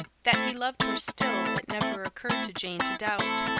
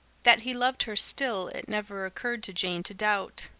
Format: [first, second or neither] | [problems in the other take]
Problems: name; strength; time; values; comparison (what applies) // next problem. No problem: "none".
second | background sound (Guitar); 2 dB above the speech